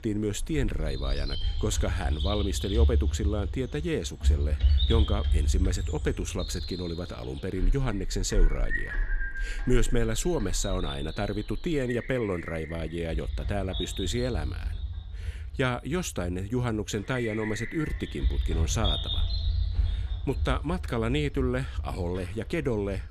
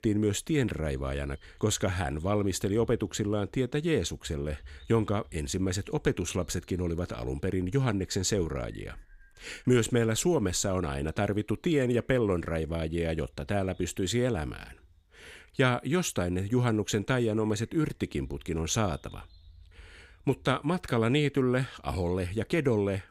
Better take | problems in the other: second | animal sounds; loud; throughout; 1 dB below the speech; faint in the second

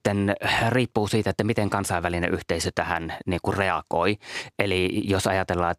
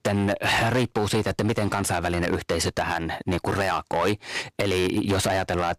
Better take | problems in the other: first | distortion; heavy; 10% of the sound clipped

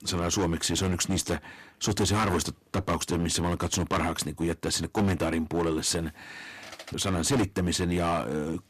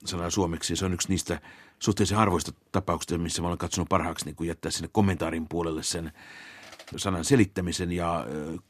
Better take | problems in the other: second | distortion; heavy; 9% of the sound clipped

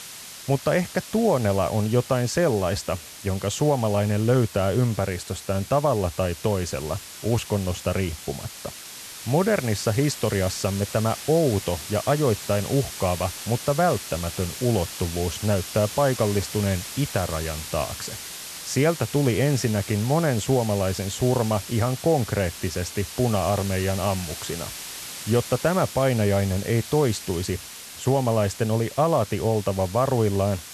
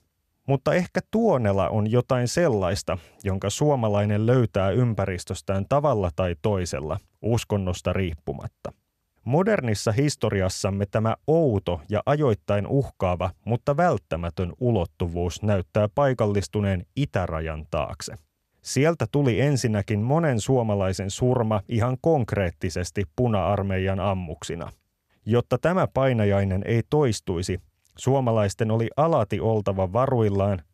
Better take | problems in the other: second | hiss; noticeable; throughout; 10 dB below the speech

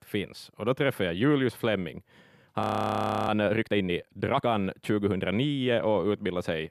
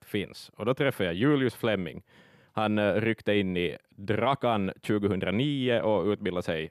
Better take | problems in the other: second | audio freezing; at 2.5 s for 0.5 s

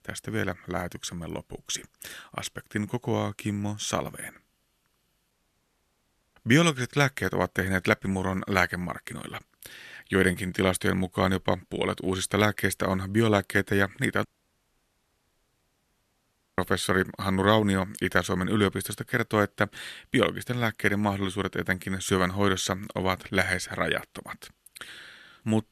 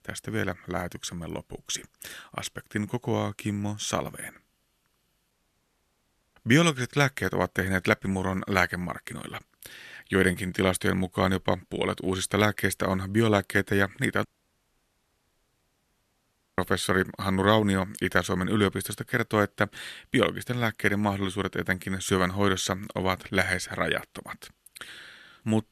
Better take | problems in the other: neither | audio cutting out; at 5.5 s for 1 s and at 14 s for 2.5 s; the same in both

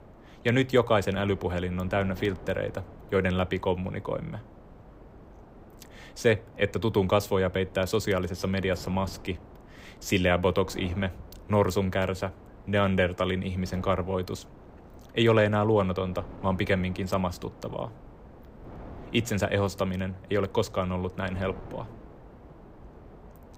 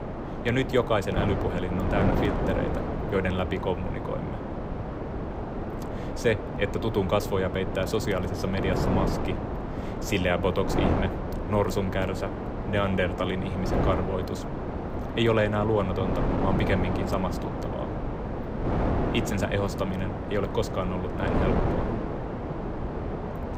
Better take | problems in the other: first | wind noise on the microphone; heavy; 3 dB below the speech; occasional gusts in the first

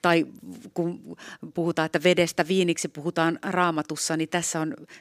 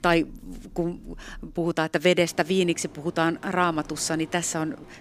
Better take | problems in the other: first | rain or running water; faint; throughout; 20 dB below the speech

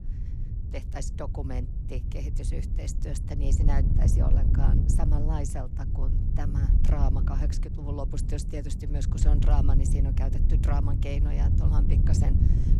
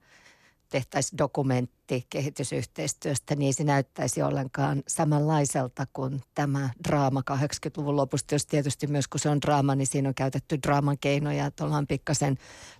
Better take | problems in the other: second | wind noise on the microphone; heavy; 2 dB below the speech

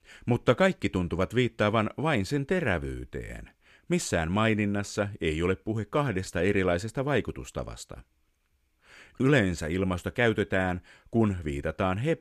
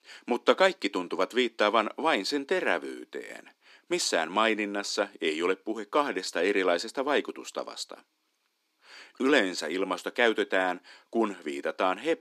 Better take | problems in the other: first | thin; somewhat; fading below 250 Hz

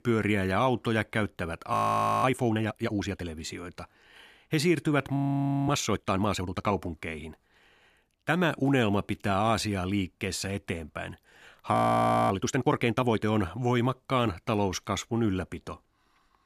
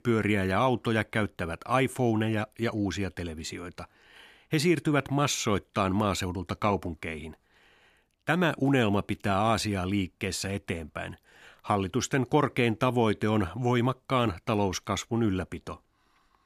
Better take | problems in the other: second | audio freezing; at 1.5 s for 0.5 s, at 5 s for 0.5 s and at 12 s for 0.5 s

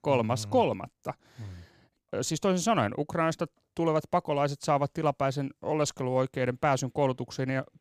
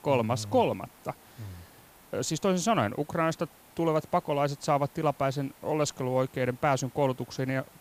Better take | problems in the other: first | hiss; faint; throughout; 25 dB below the speech

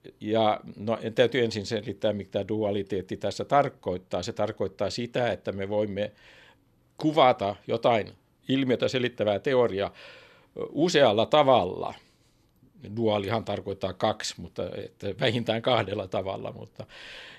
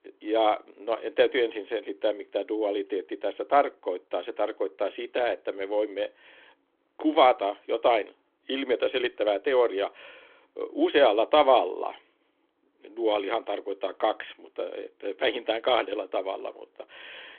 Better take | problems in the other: first | phone-call audio; nothing above 3.5 kHz

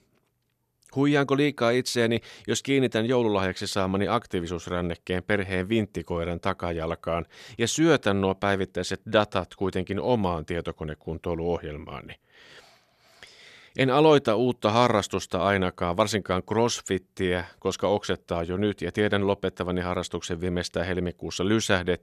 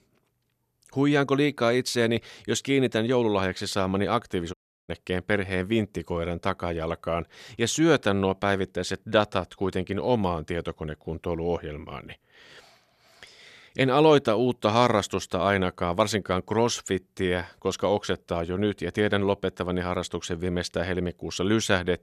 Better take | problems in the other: first | audio cutting out; at 4.5 s

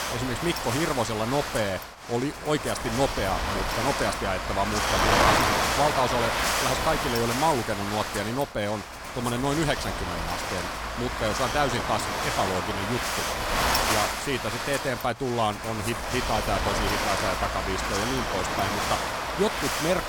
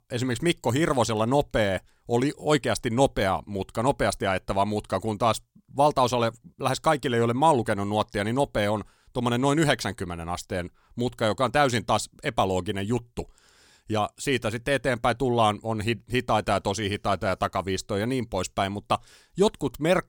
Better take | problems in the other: second | wind noise on the microphone; heavy; 2 dB above the speech

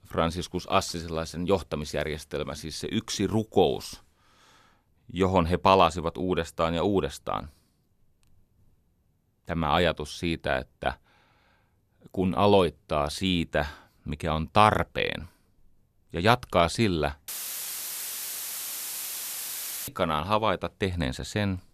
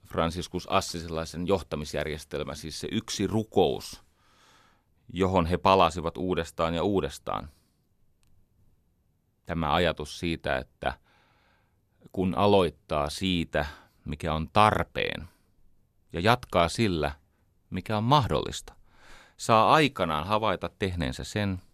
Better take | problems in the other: second | audio cutting out; filled with static; at 17 s for 2.5 s

